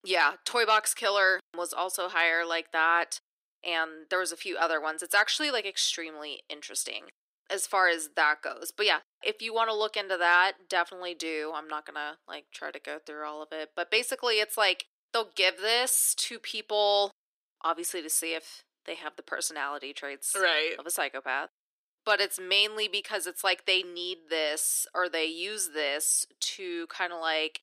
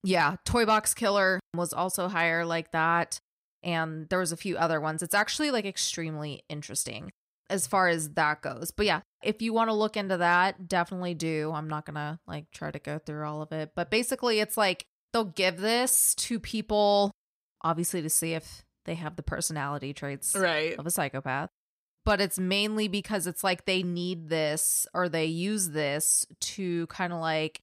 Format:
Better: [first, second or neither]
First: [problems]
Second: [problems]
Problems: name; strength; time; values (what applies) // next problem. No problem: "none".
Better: second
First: thin; very; fading below 300 Hz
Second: none